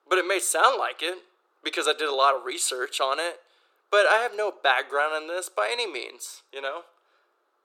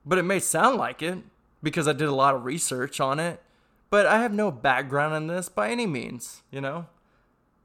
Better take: second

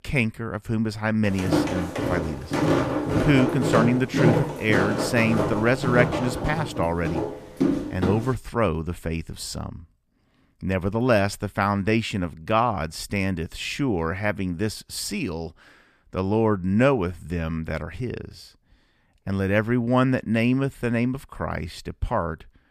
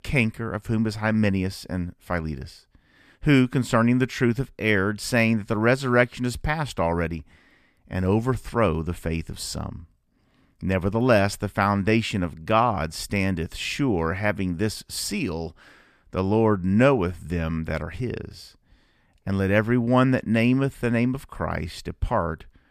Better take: second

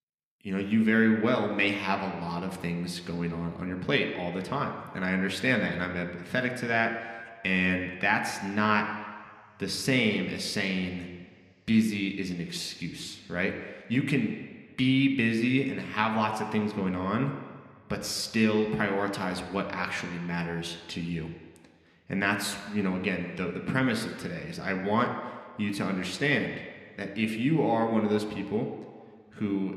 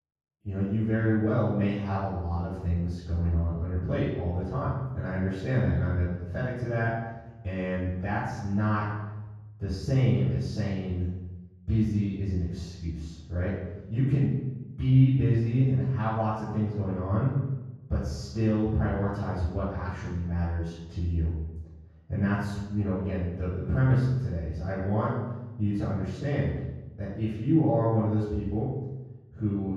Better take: first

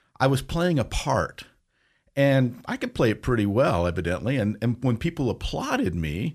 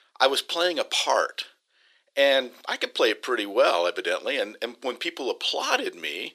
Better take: first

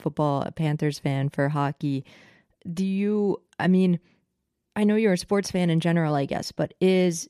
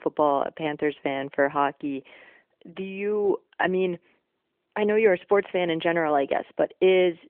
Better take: first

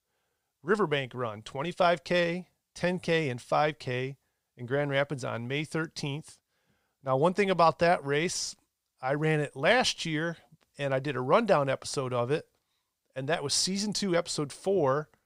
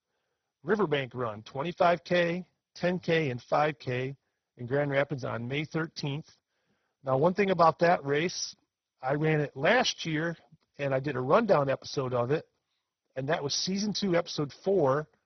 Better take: first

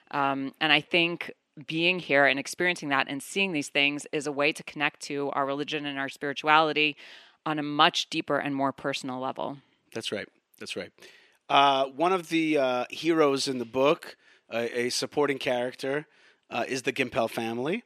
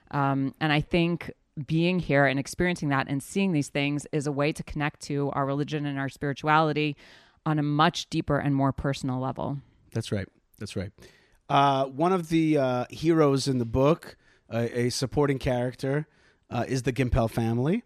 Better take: second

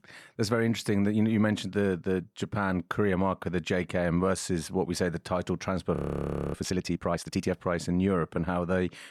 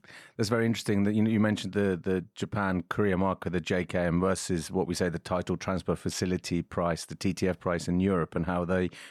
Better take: second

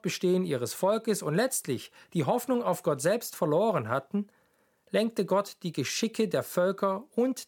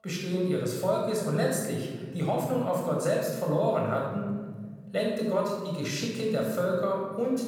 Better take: first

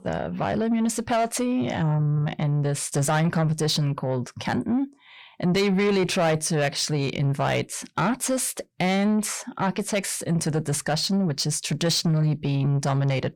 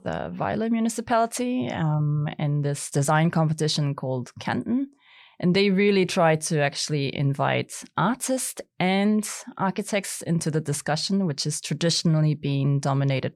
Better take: second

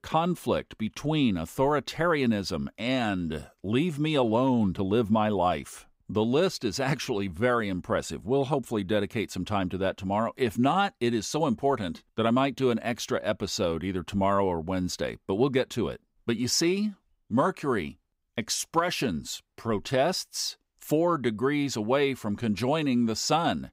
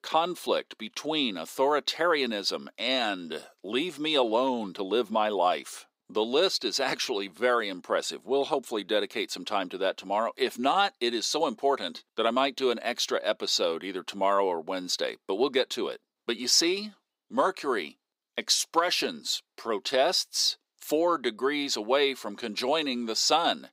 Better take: first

